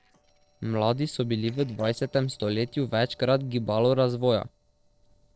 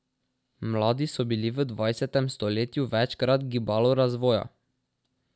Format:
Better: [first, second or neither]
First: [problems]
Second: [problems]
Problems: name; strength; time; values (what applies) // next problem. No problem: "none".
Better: second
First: noise reduction (neural separator model SepFormer DNS4)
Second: none